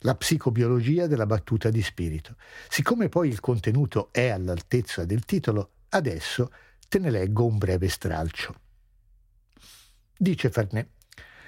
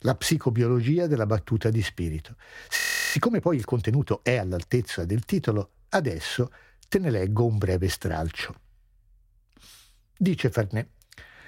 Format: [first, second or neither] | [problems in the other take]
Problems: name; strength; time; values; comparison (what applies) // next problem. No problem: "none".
first | audio freezing; at 3 s